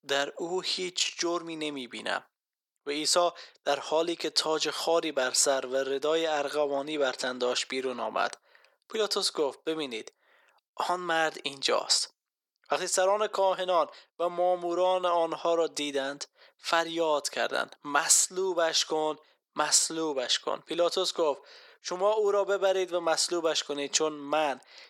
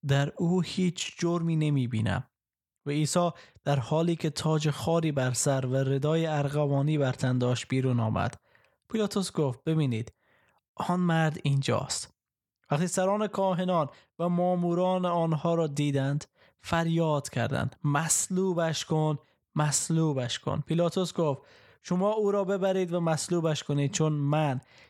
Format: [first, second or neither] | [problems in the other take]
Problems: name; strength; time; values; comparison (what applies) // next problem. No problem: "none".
second | thin; very; fading below 350 Hz